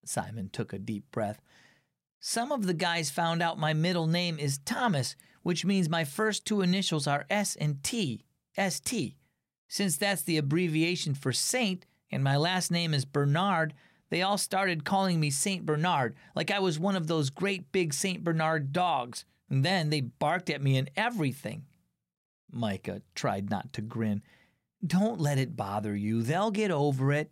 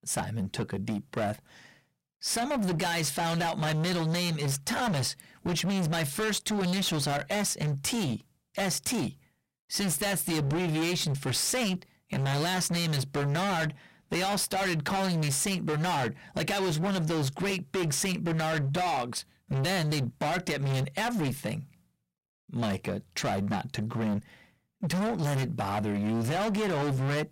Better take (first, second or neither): first